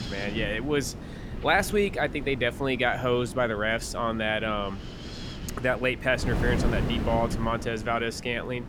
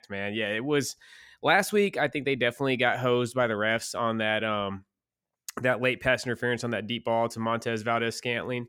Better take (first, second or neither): second